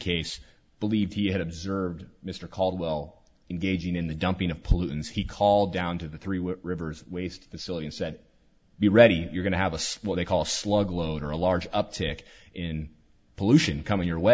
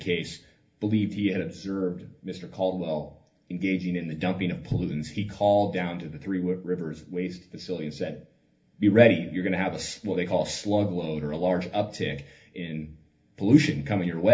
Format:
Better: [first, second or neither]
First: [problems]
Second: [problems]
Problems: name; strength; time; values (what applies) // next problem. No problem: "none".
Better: first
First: none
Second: room echo; dies away in 0.3 s